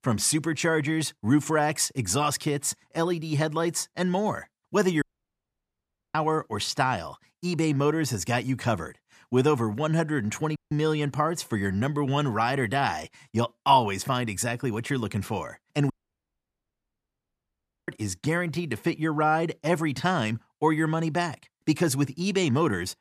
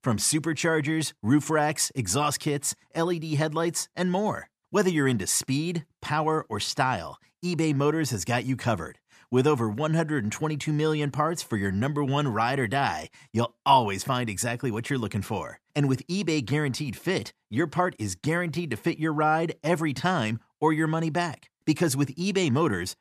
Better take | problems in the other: second | audio cutting out; at 5 s for 1 s, at 11 s and at 16 s for 2 s

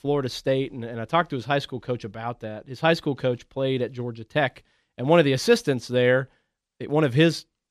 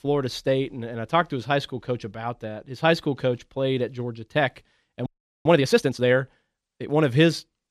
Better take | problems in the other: first | audio freezing; at 5 s

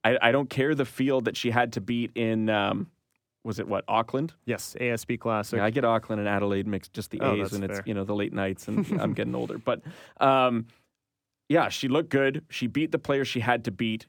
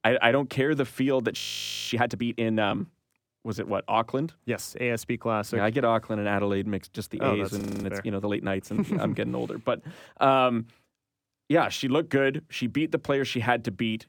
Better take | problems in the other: first | audio freezing; at 1.5 s for 0.5 s and at 7.5 s

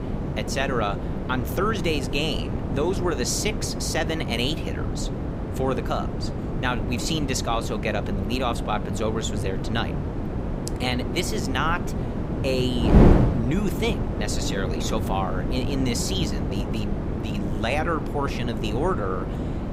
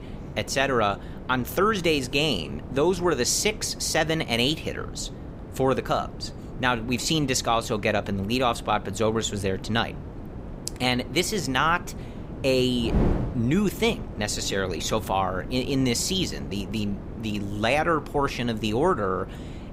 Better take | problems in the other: second | wind noise on the microphone; heavy; 5 dB below the speech; occasional gusts in the second

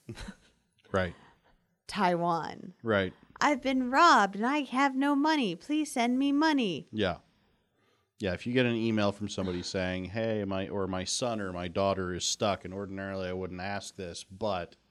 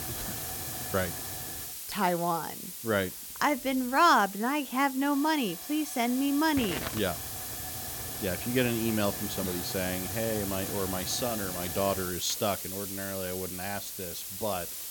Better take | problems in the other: first | hiss; loud; throughout; 5 dB below the speech

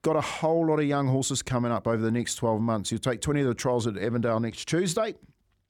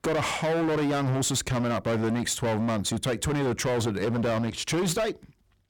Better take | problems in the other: first | distortion; heavy; 29% of the sound clipped

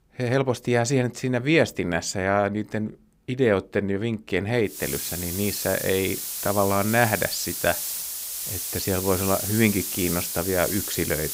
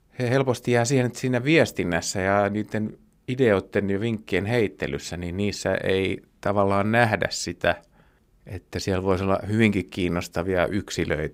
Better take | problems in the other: second | hiss; loud; from 5 s on; 3 dB below the speech

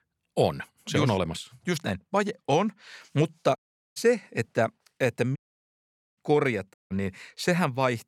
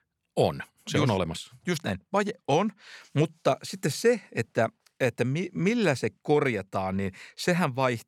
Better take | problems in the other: second | audio cutting out; at 3.5 s, at 5.5 s for 1 s and at 6.5 s

